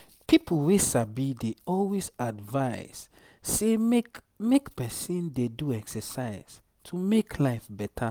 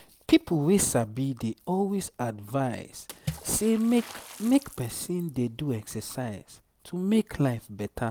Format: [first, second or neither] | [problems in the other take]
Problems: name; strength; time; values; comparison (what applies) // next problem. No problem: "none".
first | background sound (Water / Splash, splatter); 19 dB below the speech